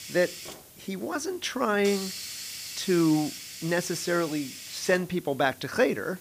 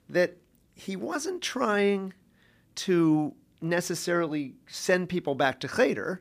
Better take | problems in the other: second | hiss; loud; throughout; 9 dB below the speech

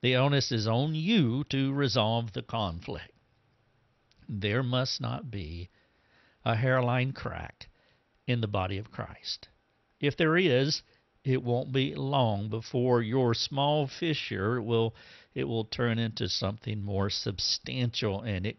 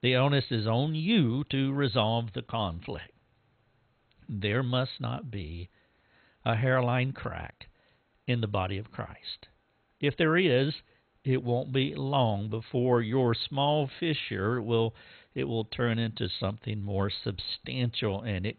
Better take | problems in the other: first | garbled, watery; badly; nothing above 4 kHz; slightly in the first

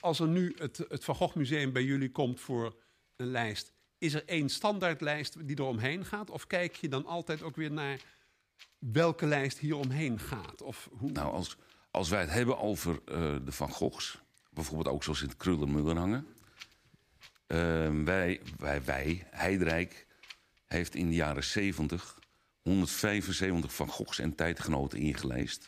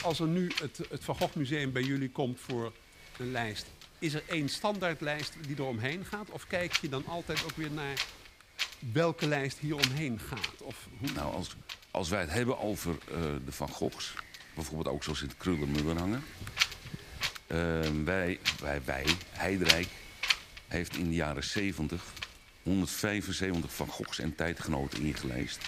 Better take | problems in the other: first | wind noise on the microphone; heavy; as loud as the speech; occasional gusts in the first

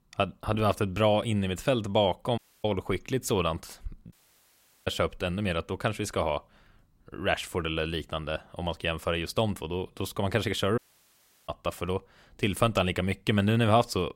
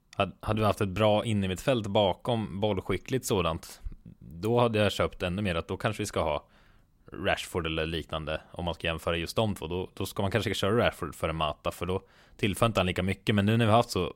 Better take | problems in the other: second | audio cutting out; at 2.5 s, at 4 s for 0.5 s and at 11 s for 0.5 s

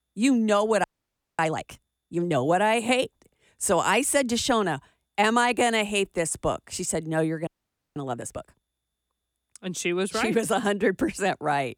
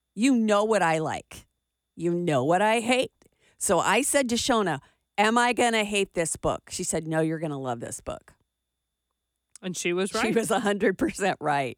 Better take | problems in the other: second | audio freezing; at 1 s for 0.5 s and at 7.5 s

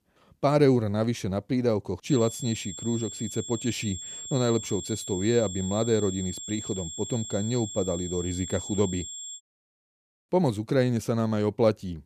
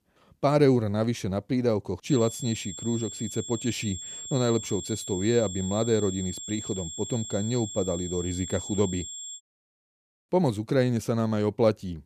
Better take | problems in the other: neither | high-pitched whine; loud; from 2 to 9.5 s; 7.5 kHz, 9 dB below the speech; the same in both

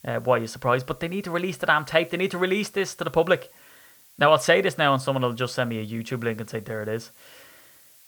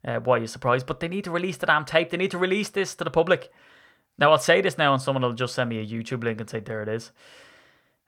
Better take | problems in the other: second | hiss; faint; throughout; 25 dB below the speech

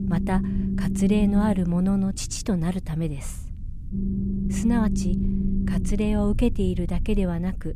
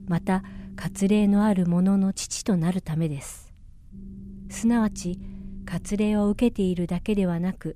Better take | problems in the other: second | low rumble; loud; throughout; 6 dB below the speech; faint in the second

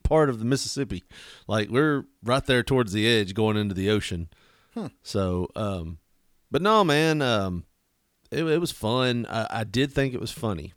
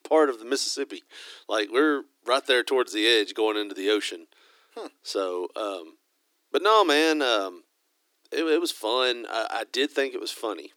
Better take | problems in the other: first | thin; somewhat; fading below 300 Hz

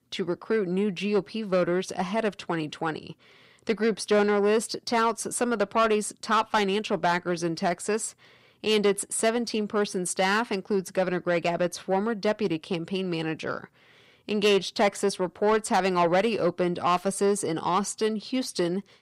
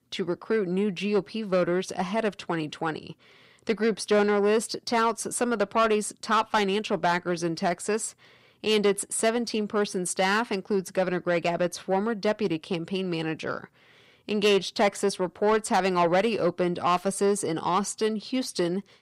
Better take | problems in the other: neither | distortion; slight; 10 dB below the speech; the same in both

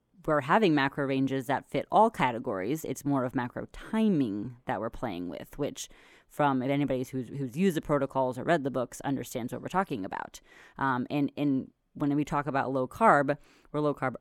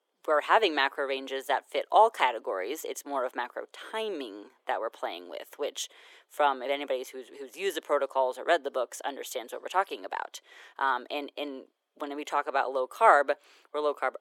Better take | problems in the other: first | thin; very; fading below 400 Hz

